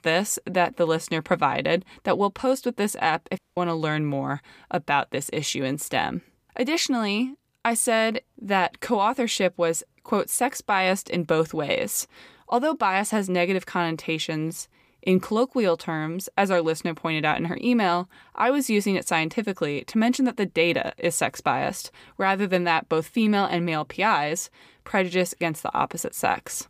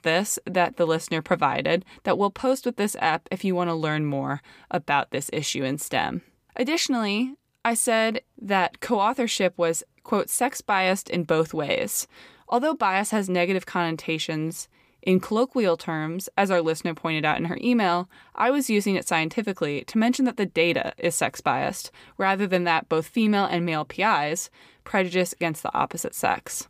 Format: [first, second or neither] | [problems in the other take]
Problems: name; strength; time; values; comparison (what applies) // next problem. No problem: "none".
second | audio cutting out; at 3.5 s